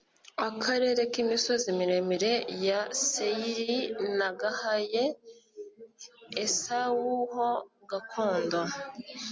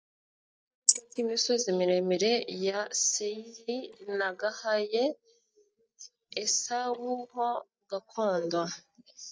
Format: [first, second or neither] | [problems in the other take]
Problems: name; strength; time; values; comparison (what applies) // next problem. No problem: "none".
first | noise reduction (neural mask model DeepFilterNet 3)